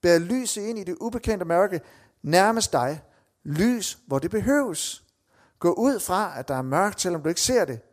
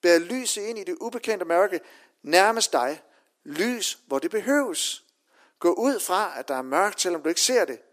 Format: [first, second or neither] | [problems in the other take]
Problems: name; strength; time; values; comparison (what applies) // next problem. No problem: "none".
first | thin; very slightly; fading below 300 Hz